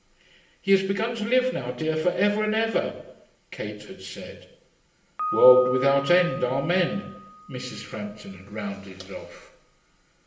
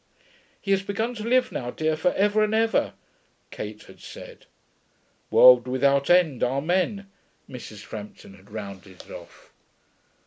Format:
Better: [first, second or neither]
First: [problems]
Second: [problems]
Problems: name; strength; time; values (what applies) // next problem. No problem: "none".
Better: second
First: background sound (Piano); 14 dB below the speech // room echo; dies away in 0.8 s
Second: none